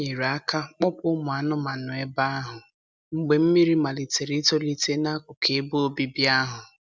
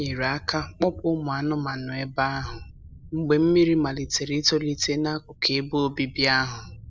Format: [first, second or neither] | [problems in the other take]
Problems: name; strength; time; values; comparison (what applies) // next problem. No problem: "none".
first | background sound (Thunder); 19 dB below the speech